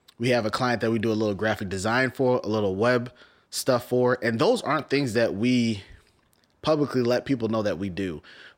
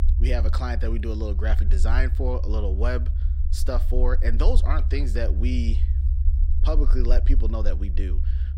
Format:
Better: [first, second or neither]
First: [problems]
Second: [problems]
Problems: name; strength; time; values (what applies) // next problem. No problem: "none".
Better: first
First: none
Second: low rumble; noticeable; throughout; 10 dB below the speech